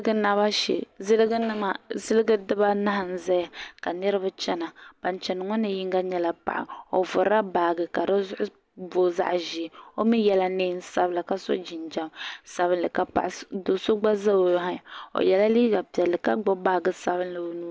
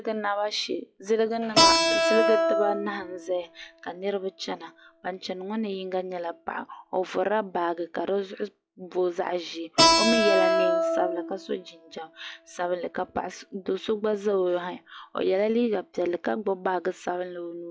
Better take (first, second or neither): first